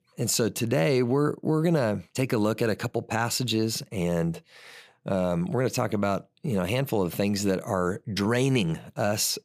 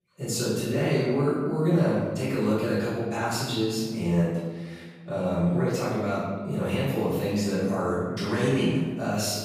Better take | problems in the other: first | off-mic speech; far // room echo; strong; dies away in 1.2 s

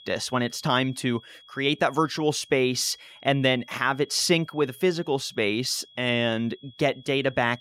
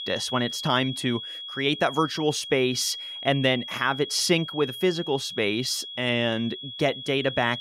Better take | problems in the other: first | high-pitched whine; loud; throughout; 3.5 kHz, 9 dB below the speech; faint in the first

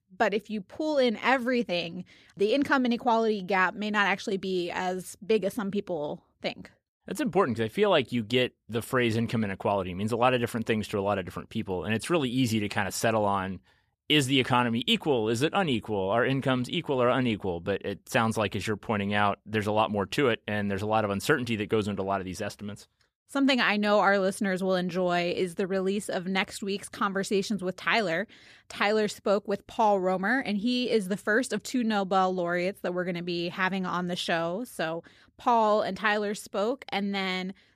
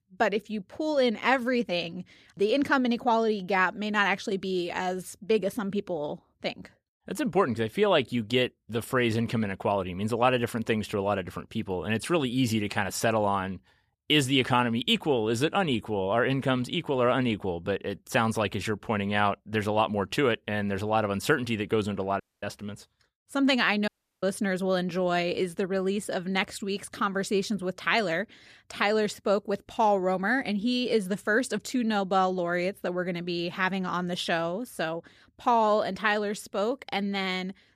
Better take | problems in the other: first | audio cutting out; at 22 s and at 24 s

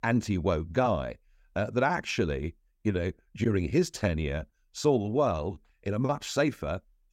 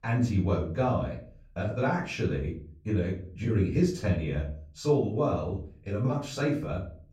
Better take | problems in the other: first | off-mic speech; far // room echo; slight; dies away in 0.4 s

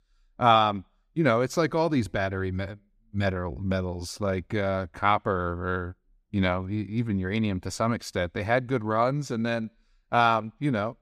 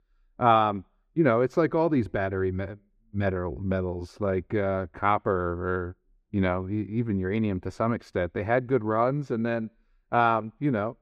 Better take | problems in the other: first | muffled; slightly; fading above 3.5 kHz

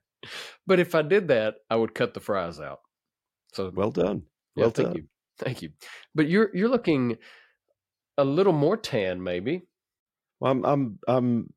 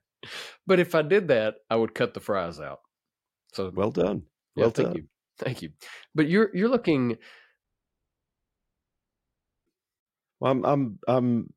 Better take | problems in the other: first | audio cutting out; at 7.5 s for 2 s

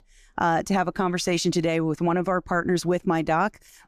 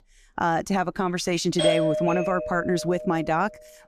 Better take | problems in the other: first | doorbell; loud; from 1.5 to 3 s; peak 3 dB above the speech

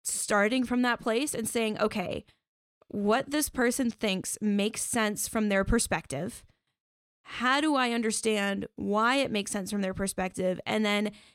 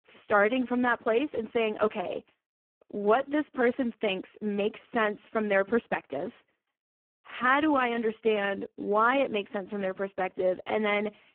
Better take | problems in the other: first | phone-call audio; poor line

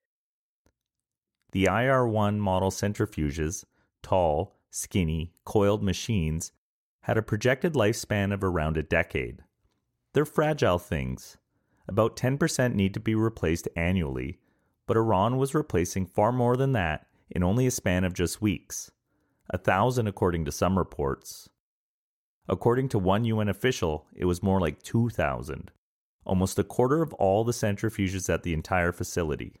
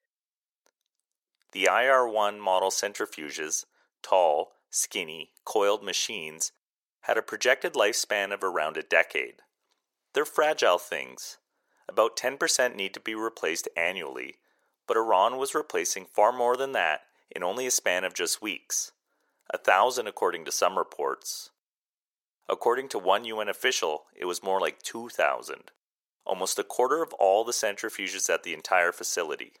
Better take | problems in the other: first | thin; very; fading below 500 Hz

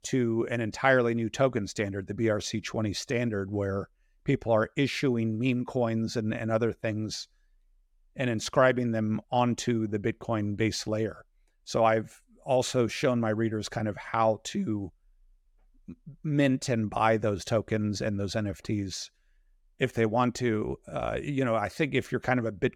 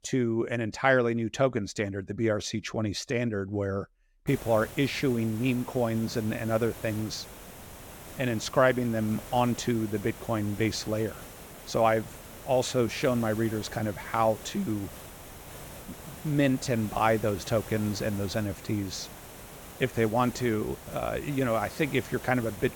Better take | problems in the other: first | hiss; noticeable; from 4.5 s on; 15 dB below the speech

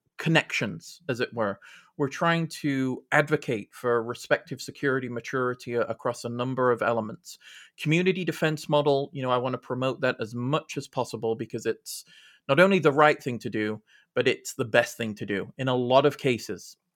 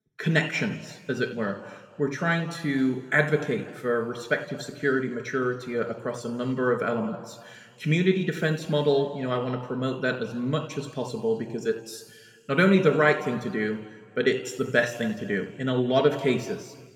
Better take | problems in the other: first | room echo; slight; dies away in 1.6 s

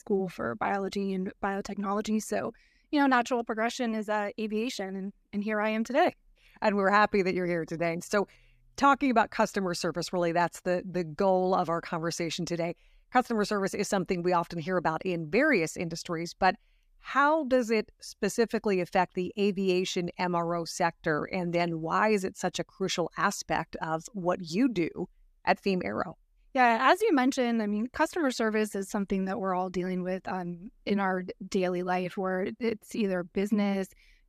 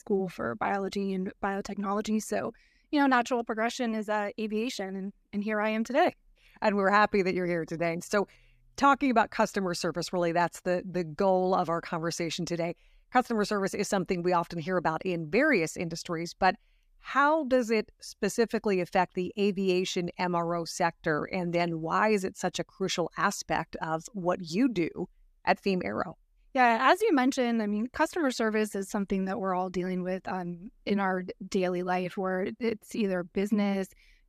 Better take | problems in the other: neither | none

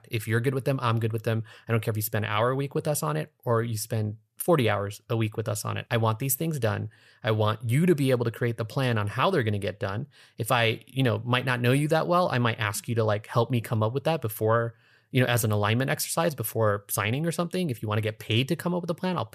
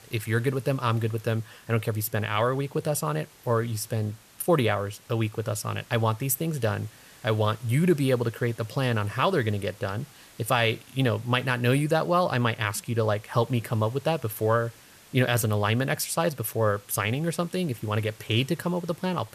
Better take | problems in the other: first | hiss; faint; throughout; 25 dB below the speech

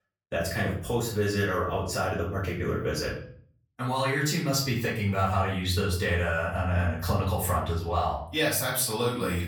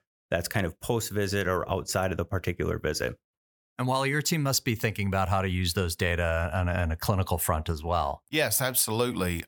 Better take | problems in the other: second | off-mic speech; far // room echo; noticeable; dies away in 0.5 s

